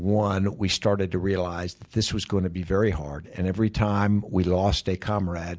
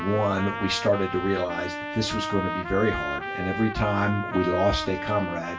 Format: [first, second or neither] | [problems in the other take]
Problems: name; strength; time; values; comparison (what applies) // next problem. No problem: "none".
first | background sound (Trumpet); 6 dB below the speech // room echo; dies away in 0.2 s